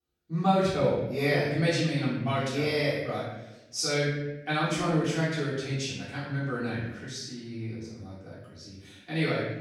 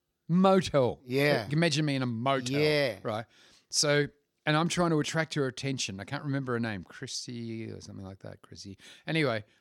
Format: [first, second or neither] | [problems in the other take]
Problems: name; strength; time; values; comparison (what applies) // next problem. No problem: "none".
second | off-mic speech; far // room echo; noticeable; dies away in 0.9 s